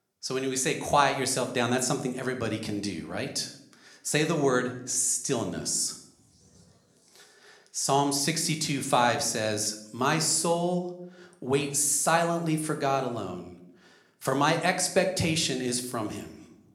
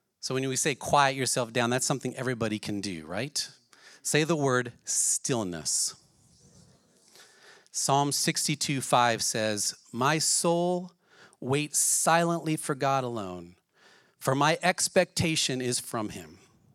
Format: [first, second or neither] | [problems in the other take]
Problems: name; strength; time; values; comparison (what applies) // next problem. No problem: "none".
second | room echo; slight; dies away in 0.6 s